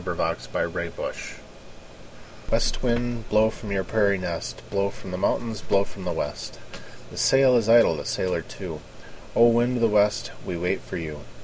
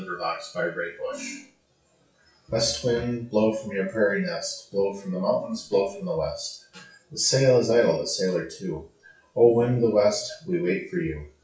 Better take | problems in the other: first | noise reduction (classical method WPE with log-MMSE)

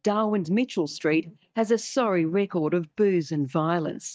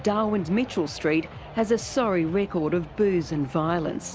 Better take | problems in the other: second | noise reduction (neural mask model DeepFilterNet 3)

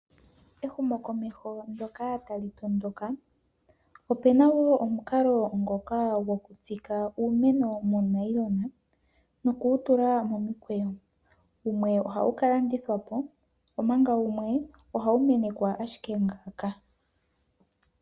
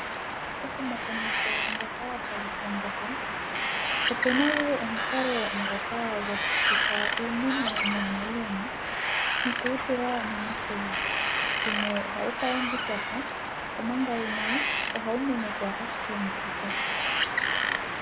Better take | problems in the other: first | background sound (Wind); 3 dB above the speech

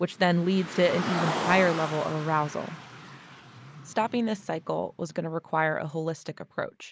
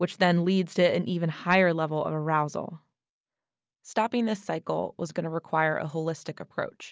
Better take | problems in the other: second | background sound (Car); 9 dB below the speech

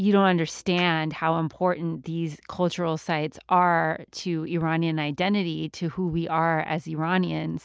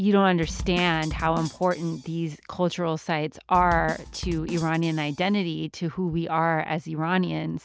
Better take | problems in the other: first | background sound (Bass drum / Snare drum); 12 dB below the speech

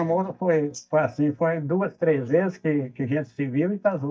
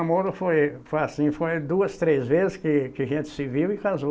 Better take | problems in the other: second | noise reduction (neural mask model DeepFilterNet 3)

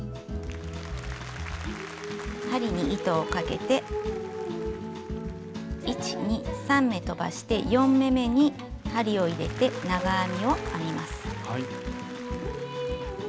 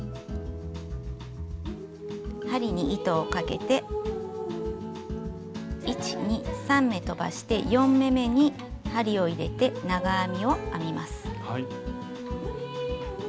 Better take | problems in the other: second | background sound (Applause); 17 dB below the speech

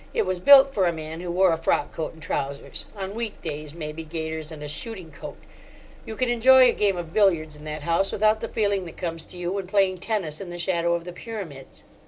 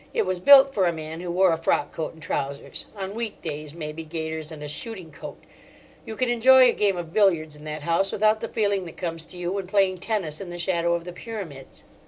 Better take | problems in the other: second | background sound (Motor vehicle (road)); 19 dB below the speech

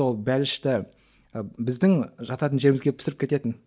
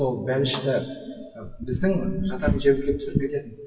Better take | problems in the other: first | noise reduction (classical method WPE with log-MMSE)

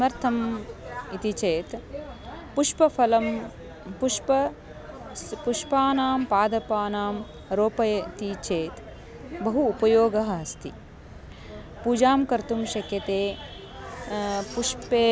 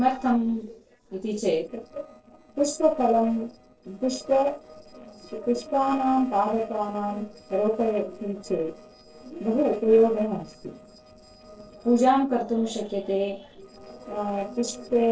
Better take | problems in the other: first | noise reduction (neural separator model SepFormer DNS4)

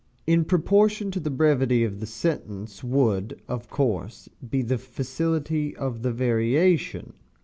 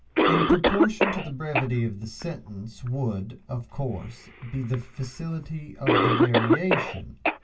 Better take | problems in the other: first | background sound (Cough); 3 dB above the speech // room echo; dies away in 0.1 s

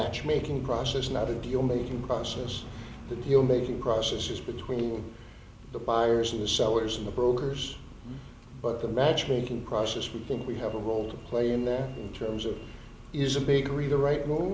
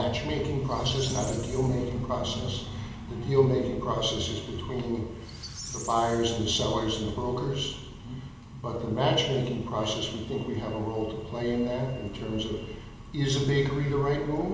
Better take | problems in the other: first | background sound (Squeak); 15 dB below the speech // room echo; dies away in 1.1 s

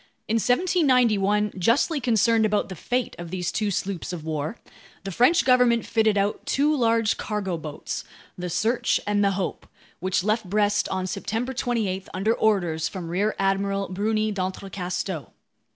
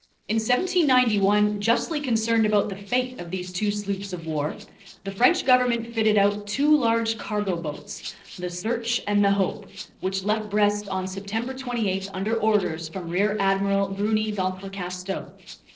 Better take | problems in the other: first | noise reduction (neural separator model SepFormer DNS4)

